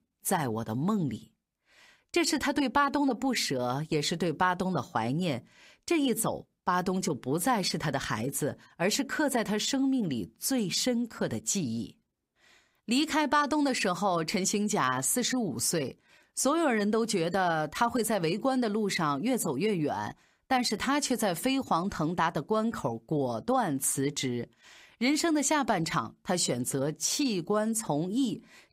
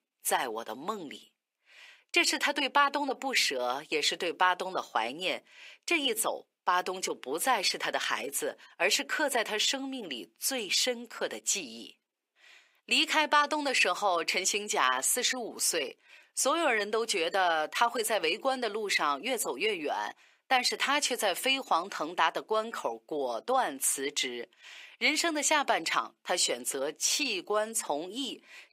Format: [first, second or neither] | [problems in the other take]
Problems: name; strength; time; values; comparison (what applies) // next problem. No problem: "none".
first | thin; somewhat; fading below 400 Hz